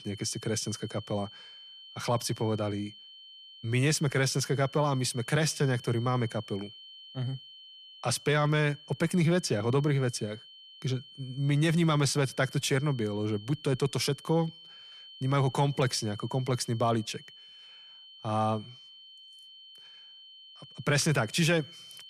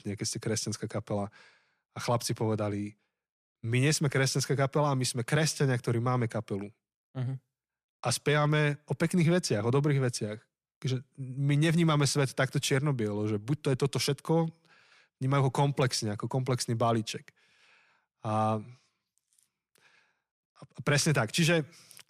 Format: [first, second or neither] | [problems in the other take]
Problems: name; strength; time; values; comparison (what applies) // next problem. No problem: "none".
second | high-pitched whine; noticeable; throughout; 3 kHz, 20 dB below the speech